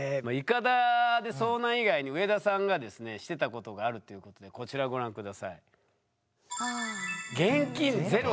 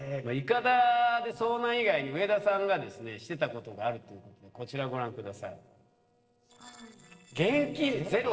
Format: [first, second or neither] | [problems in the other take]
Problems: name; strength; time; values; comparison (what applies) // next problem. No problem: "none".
first | noise reduction (neural separator model SepFormer DNS4)